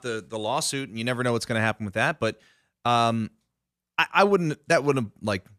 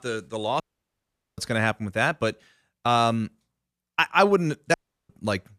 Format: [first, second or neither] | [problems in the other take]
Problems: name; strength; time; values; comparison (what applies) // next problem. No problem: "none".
first | audio cutting out; at 0.5 s for 1 s and at 4.5 s